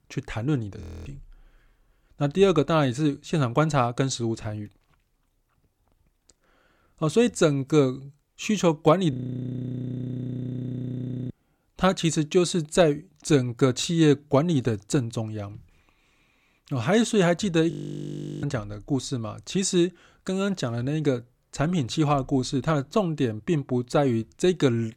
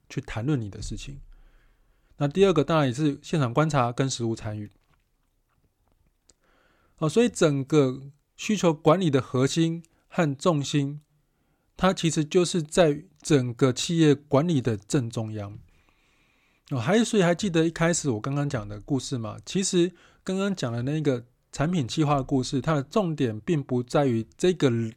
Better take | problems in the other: second | audio freezing; at 1 s, at 9 s for 2 s and at 18 s for 0.5 s

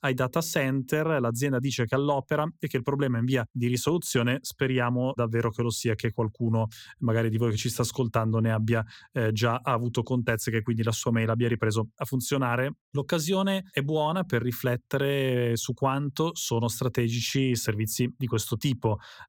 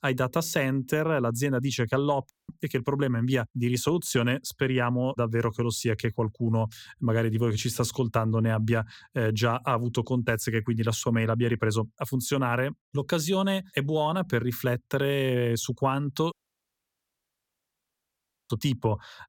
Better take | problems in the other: first | audio cutting out; at 2.5 s and at 16 s for 2 s

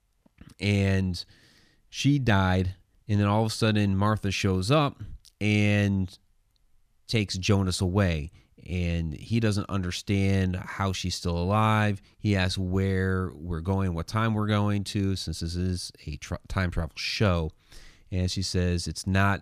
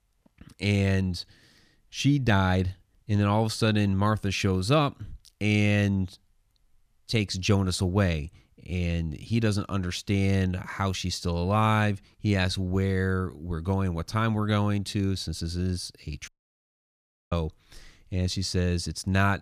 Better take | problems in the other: first | audio cutting out; at 16 s for 1 s

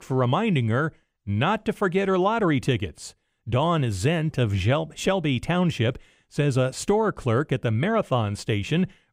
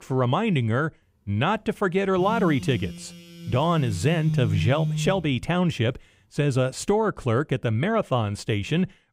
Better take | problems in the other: first | phone ringing; noticeable; from 2 to 5.5 s; peak 2 dB below the speech

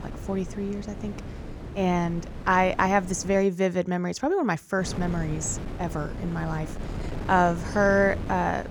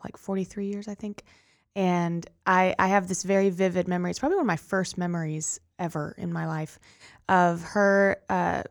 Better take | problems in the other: second | wind noise on the microphone; occasional gusts; until 3.5 s and from 5 s on; 15 dB below the speech

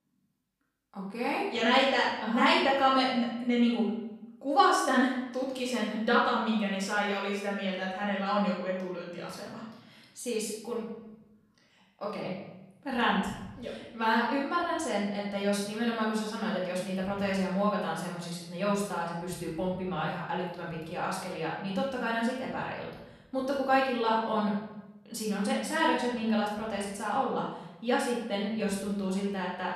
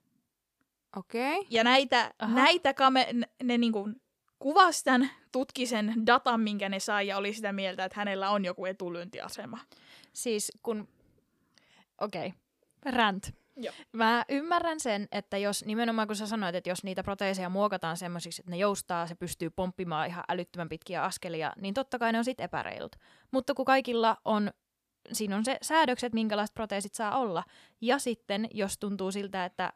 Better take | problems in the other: second | off-mic speech; far // room echo; noticeable; dies away in 0.9 s

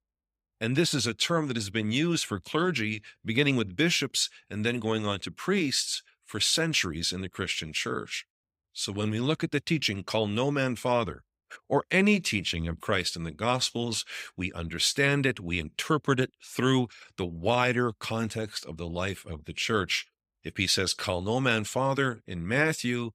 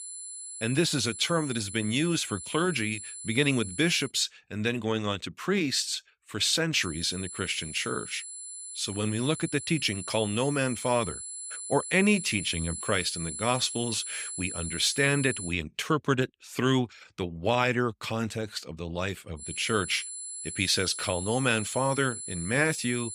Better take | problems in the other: first | high-pitched whine; loud; until 4 s, from 7 to 16 s and from 19 s on; 10 kHz, 8 dB below the speech

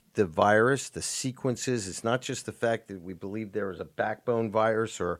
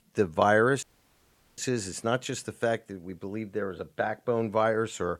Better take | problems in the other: first | audio cutting out; at 1 s for 1 s

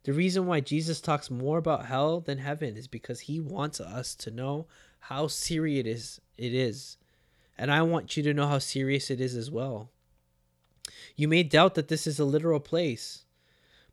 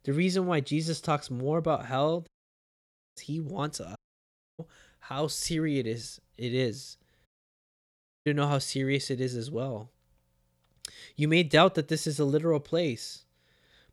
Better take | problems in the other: first | audio cutting out; at 2.5 s for 1 s, at 4 s for 0.5 s and at 7.5 s for 1 s

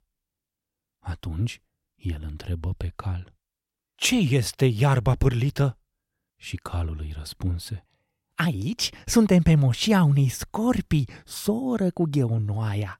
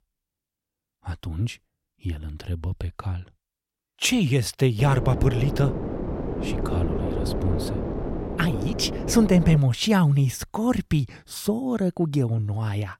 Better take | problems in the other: first | wind noise on the microphone; heavy; from 5 to 9.5 s; 5 dB below the speech

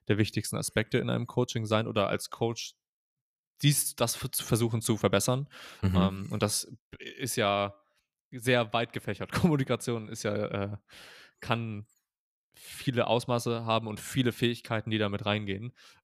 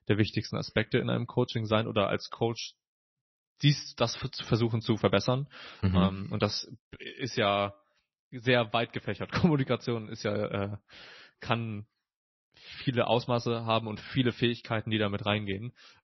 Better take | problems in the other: first | garbled, watery; slightly; nothing above 6 kHz

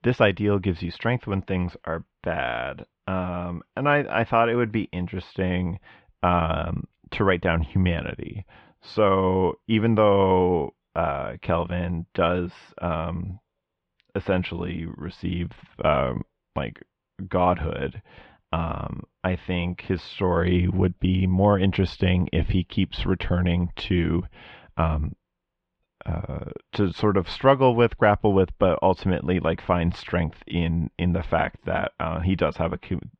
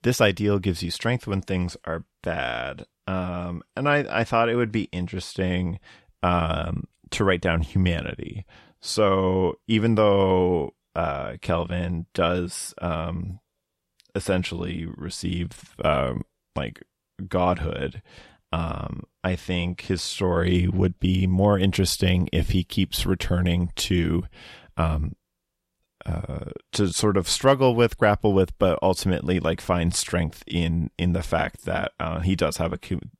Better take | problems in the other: second | muffled; very; fading above 3 kHz

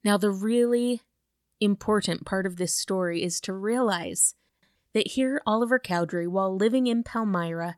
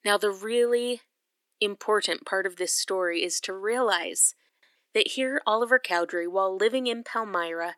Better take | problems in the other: first | thin; somewhat; fading below 300 Hz

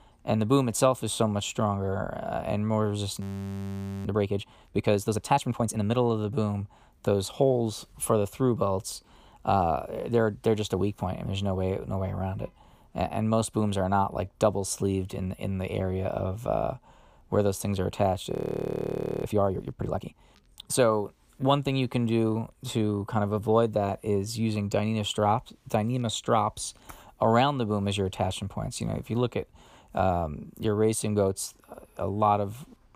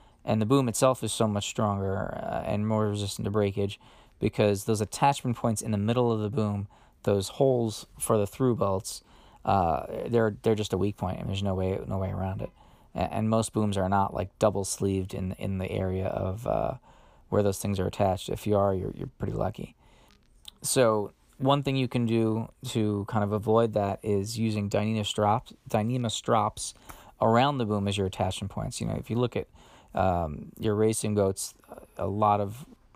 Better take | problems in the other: second | audio freezing; at 3 s for 1 s and at 18 s for 1 s

